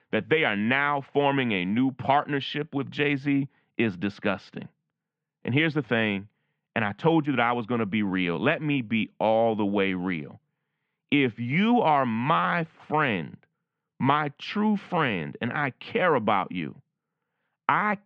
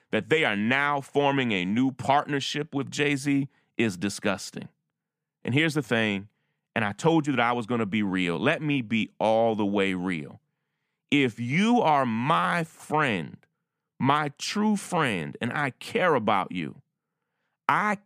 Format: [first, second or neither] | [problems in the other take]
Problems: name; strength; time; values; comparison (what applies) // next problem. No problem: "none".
second | muffled; slightly; fading above 3.5 kHz